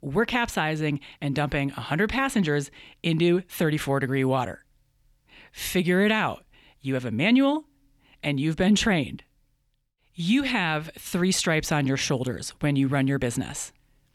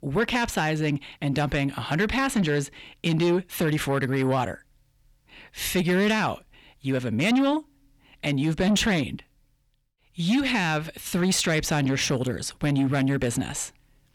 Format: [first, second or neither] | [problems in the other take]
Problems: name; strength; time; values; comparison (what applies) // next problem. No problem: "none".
first | distortion; slight; 10 dB below the speech